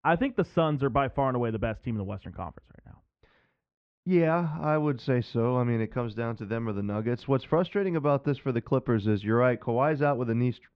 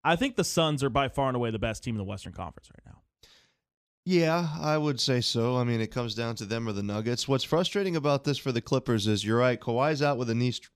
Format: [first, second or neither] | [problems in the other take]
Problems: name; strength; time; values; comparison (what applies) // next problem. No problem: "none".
second | muffled; very; fading above 2 kHz